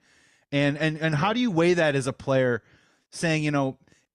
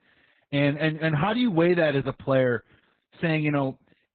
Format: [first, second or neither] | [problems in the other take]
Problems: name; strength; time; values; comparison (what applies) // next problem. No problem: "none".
first | garbled, watery; badly; nothing above 4 kHz